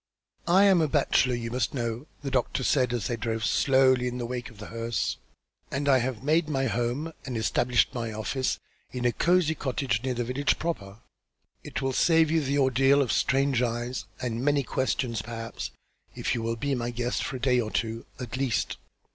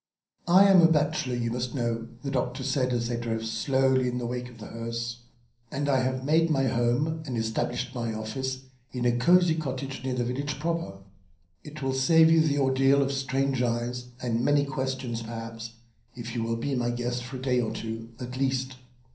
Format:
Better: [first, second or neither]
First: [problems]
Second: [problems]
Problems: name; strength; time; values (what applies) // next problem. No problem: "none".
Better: first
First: none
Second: room echo; dies away in 0.6 s